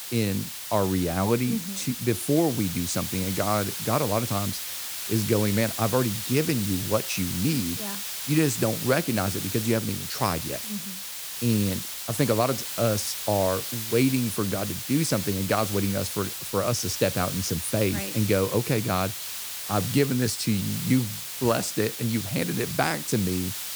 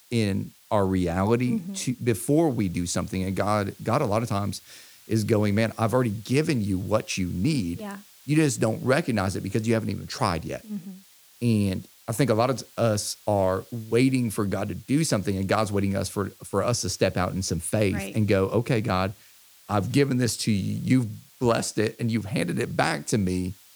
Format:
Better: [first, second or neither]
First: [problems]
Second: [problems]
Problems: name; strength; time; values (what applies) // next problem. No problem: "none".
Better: second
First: hiss; loud; throughout; 4 dB below the speech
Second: hiss; faint; throughout; 25 dB below the speech